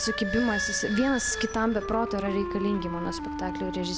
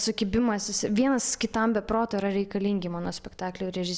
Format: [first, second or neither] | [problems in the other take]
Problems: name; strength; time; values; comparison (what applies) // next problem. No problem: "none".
second | background sound (Squeak / Idling + Wind instrument, woodwind instrument); 5 dB below the speech